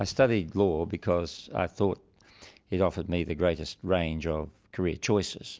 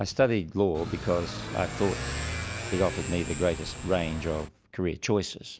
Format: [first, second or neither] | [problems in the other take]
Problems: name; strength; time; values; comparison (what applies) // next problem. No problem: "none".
first | background sound (Motorcycle / Accelerating, revving, vroom); 6 dB below the speech